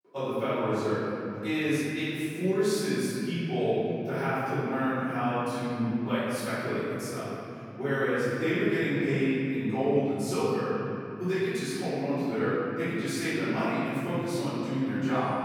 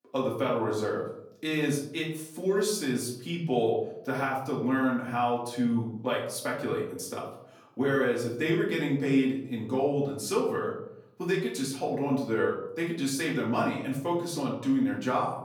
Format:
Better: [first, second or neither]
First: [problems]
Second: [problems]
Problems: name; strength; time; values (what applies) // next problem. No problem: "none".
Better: second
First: room echo; strong; dies away in 3 s // off-mic speech; far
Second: room echo; slight; dies away in 0.6 s // off-mic speech; far